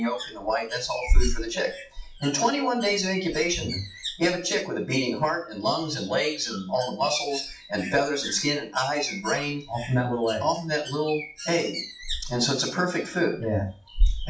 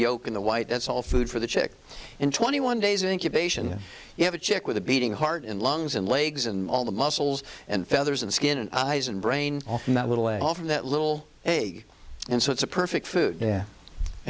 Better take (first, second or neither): second